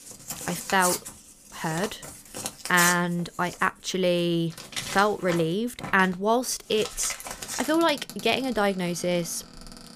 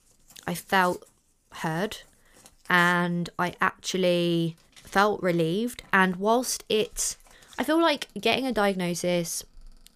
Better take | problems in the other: second | household noises; loud; throughout; 8 dB below the speech; faint in the second

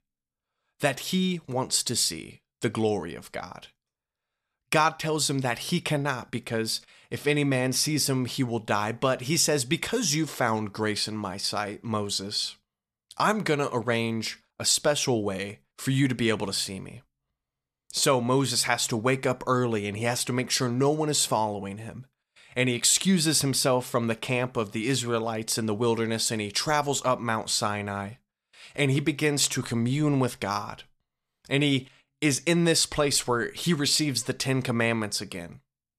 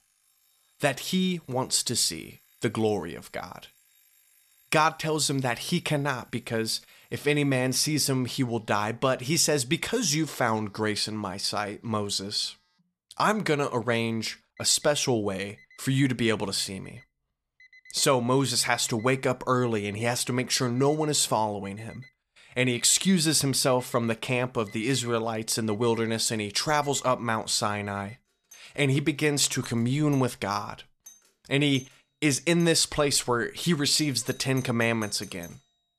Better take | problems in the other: first | alarms or sirens; faint; throughout; 25 dB below the speech

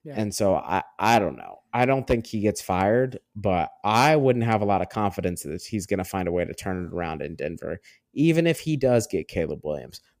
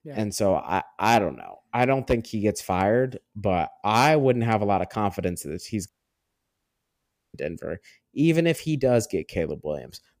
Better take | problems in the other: first | audio cutting out; at 6 s for 1.5 s

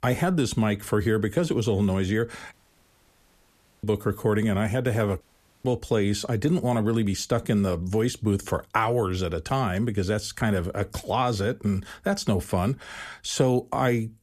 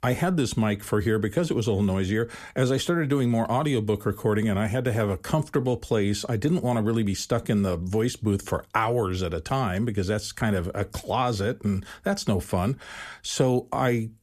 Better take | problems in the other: second | audio cutting out; at 2.5 s for 1.5 s and at 5 s

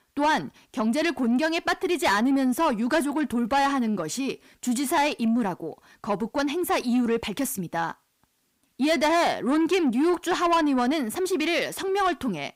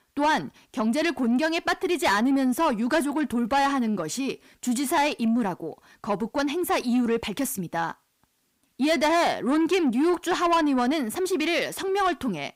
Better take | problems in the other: neither | distortion; slight; 10 dB below the speech; the same in both

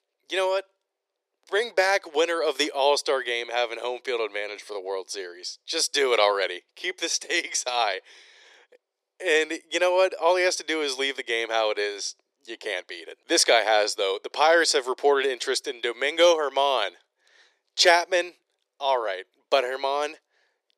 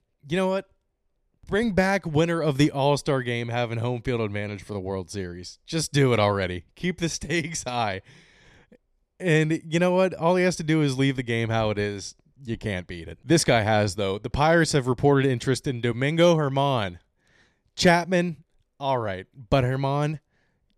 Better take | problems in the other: second | thin; very; fading below 400 Hz

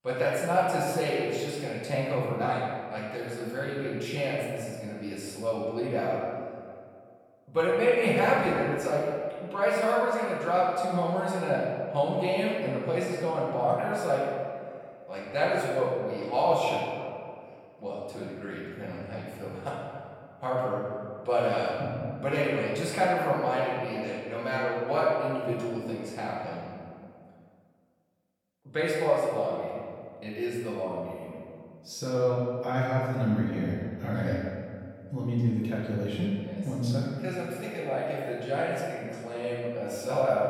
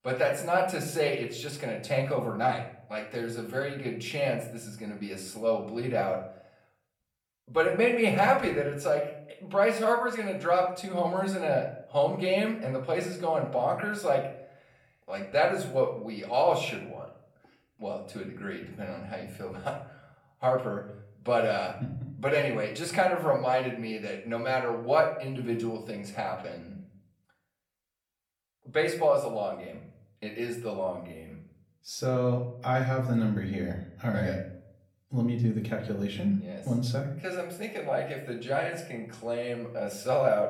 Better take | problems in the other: second | room echo; strong; dies away in 1.8 s; slight in the second // off-mic speech; far; far in the second

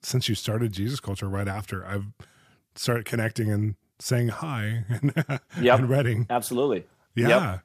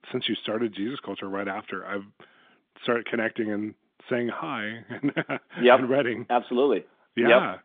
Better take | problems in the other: first | phone-call audio; nothing above 3.5 kHz

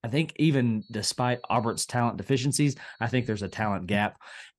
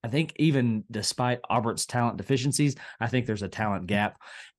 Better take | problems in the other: second | high-pitched whine; faint; from 1 to 2 s and from 2.5 to 3.5 s; 4.5 kHz, 30 dB below the speech

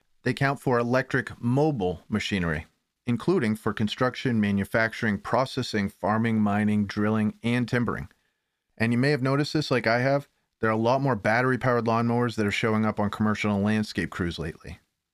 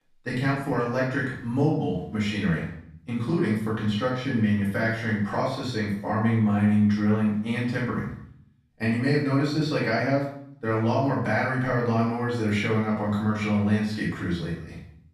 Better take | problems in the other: first | off-mic speech; far // room echo; noticeable; dies away in 0.6 s

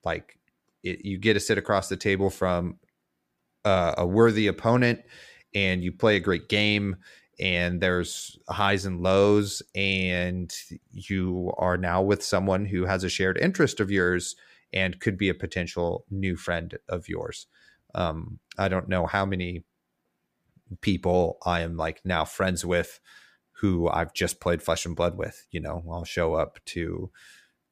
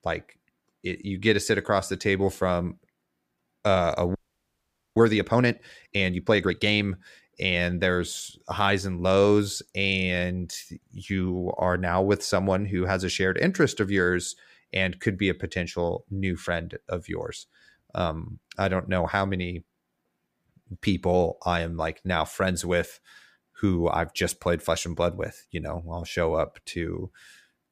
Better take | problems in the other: first | audio freezing; at 4 s for 1 s

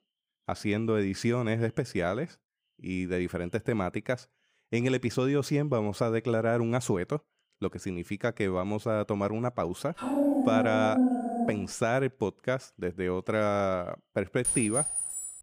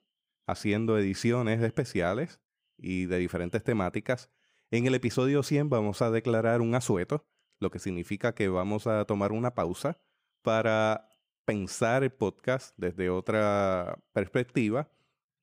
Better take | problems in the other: second | dog barking; loud; from 10 to 12 s; peak 4 dB above the speech // clattering dishes; loud; at 14 s; peak 3 dB above the speech

